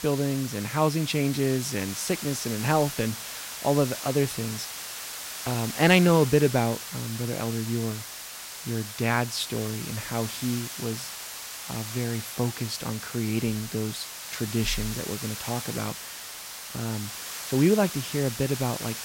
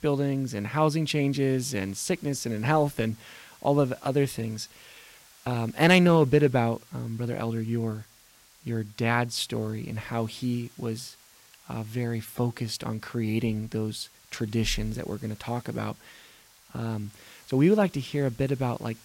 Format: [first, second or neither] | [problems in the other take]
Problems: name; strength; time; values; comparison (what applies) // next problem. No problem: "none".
second | hiss; loud; throughout; 8 dB below the speech; faint in the second